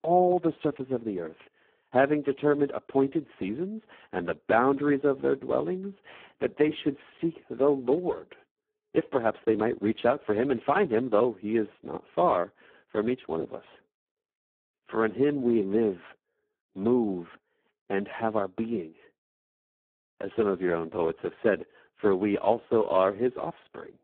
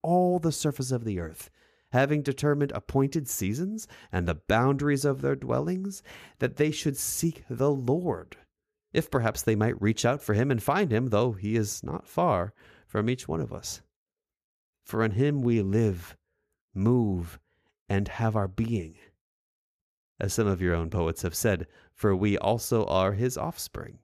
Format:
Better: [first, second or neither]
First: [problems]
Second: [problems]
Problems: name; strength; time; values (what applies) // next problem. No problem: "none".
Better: second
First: phone-call audio; poor line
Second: none